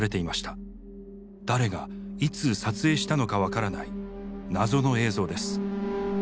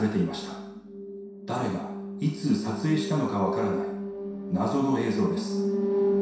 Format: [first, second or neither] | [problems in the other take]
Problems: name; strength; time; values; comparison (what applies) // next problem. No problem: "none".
first | room echo; dies away in 0.7 s